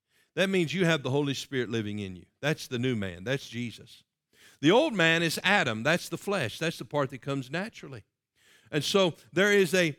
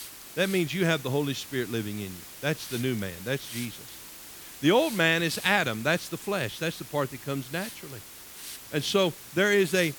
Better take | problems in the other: first | hiss; noticeable; throughout; 15 dB below the speech

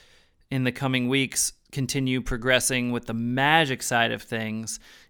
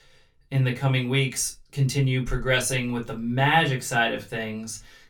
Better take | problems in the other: first | off-mic speech; far // room echo; very slight; dies away in 0.2 s

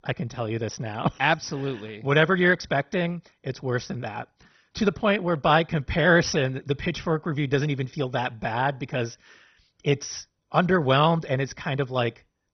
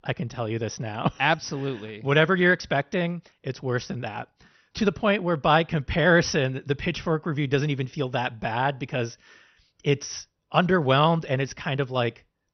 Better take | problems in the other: second | garbled, watery; badly; nothing above 6 kHz; slightly in the second

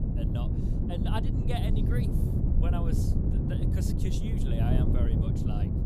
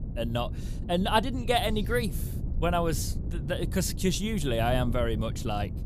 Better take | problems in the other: second | wind noise on the microphone; heavy; 2 dB above the speech; occasional gusts in the second

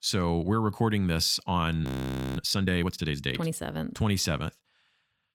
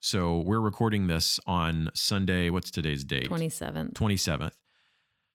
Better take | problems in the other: second | audio freezing; at 2 s for 0.5 s

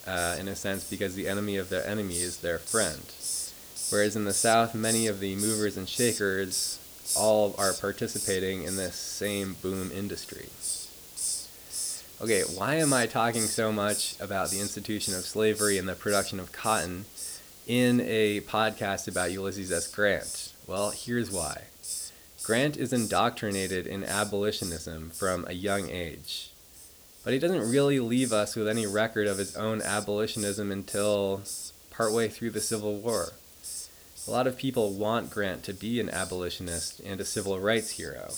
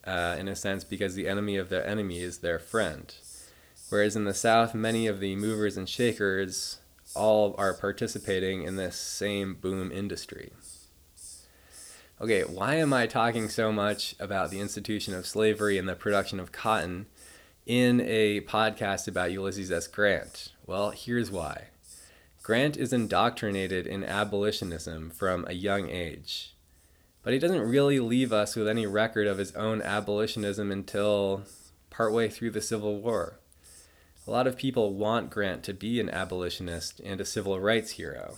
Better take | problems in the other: second | hiss; loud; throughout; 5 dB below the speech; faint in the second

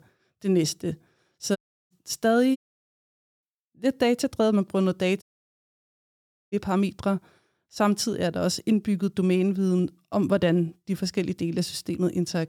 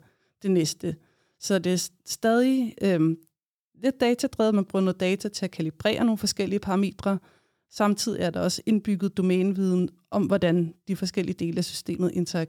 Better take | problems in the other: second | audio cutting out; at 1.5 s, at 2.5 s for 1 s and at 5 s for 1.5 s

